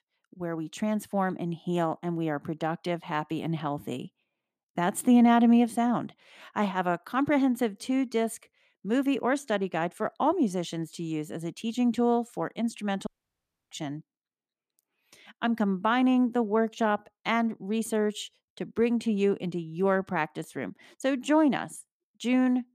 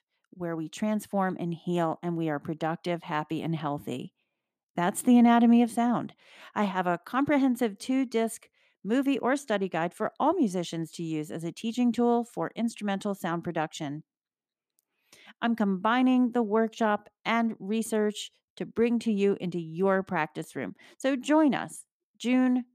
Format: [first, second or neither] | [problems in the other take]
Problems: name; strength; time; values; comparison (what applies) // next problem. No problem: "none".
second | audio cutting out; at 13 s for 0.5 s